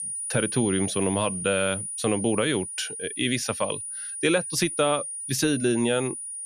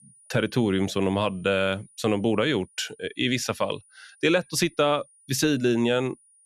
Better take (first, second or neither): second